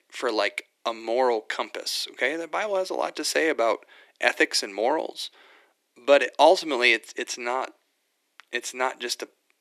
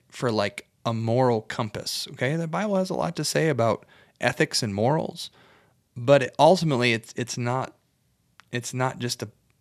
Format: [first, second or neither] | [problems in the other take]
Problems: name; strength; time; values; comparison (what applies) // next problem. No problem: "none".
second | thin; very; fading below 300 Hz